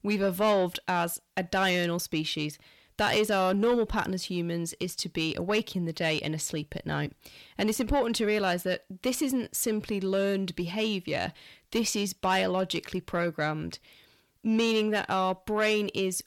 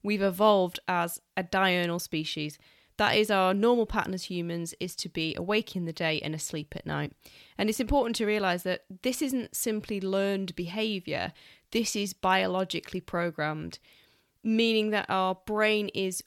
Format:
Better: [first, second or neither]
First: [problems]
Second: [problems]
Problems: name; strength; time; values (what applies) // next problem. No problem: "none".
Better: second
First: distortion; slight; 10 dB below the speech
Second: none